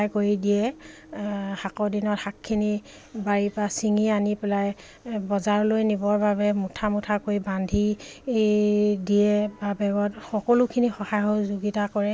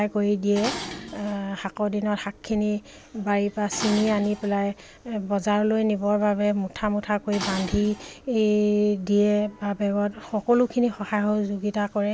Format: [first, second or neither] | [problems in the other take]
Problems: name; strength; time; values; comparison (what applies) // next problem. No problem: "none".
first | background sound (Dishes, pots, and pans); 15 dB below the speech